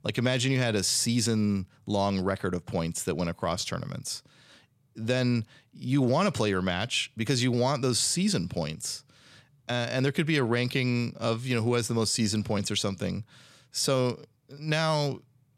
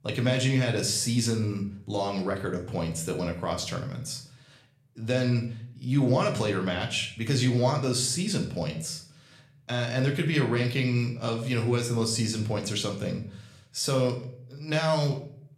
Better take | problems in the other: first | room echo; slight; dies away in 0.5 s // off-mic speech; somewhat distant

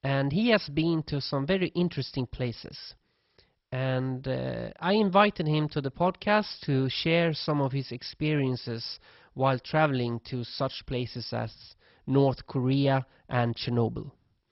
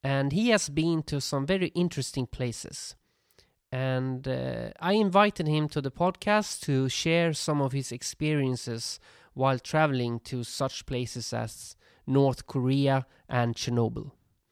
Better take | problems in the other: second | garbled, watery; badly; nothing above 5.5 kHz

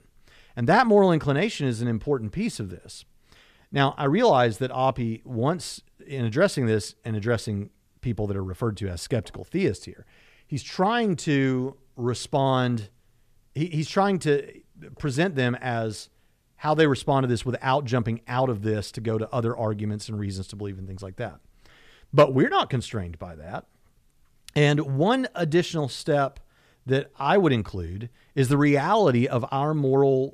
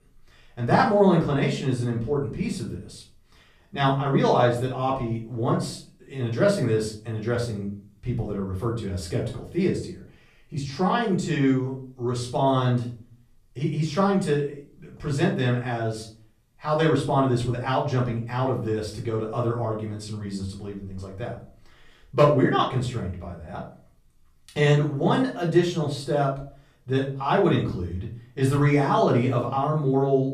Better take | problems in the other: first | off-mic speech; far // room echo; slight; dies away in 0.4 s

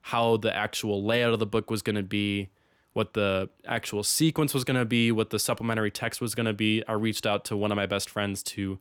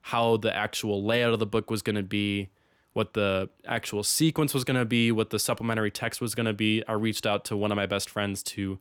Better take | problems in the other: neither | none

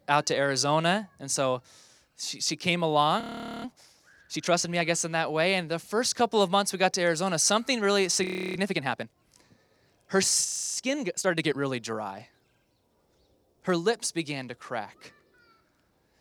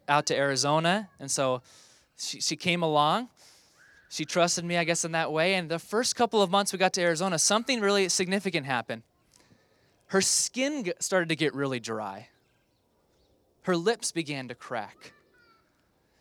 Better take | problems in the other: second | audio freezing; at 3 s, at 8 s and at 10 s

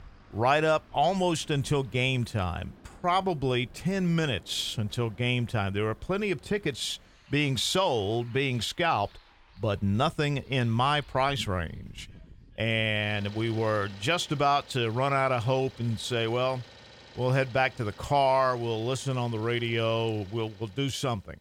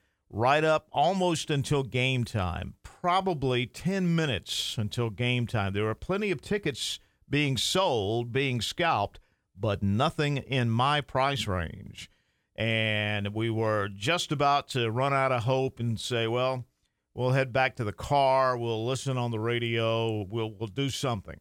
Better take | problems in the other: second | traffic noise; faint; throughout; 25 dB below the speech

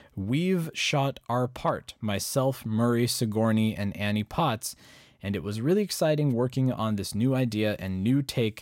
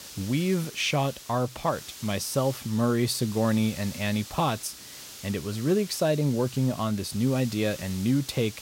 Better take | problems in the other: first | hiss; noticeable; throughout; 15 dB below the speech

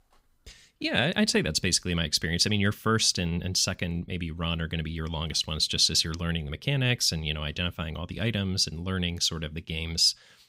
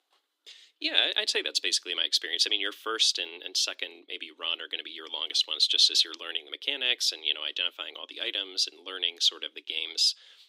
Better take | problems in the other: first | thin; very; fading below 300 Hz

